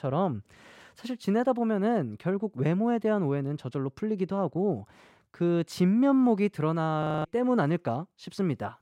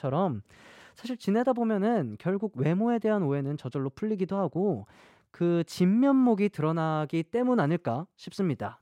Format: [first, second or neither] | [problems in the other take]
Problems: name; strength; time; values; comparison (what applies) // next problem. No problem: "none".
second | audio freezing; at 7 s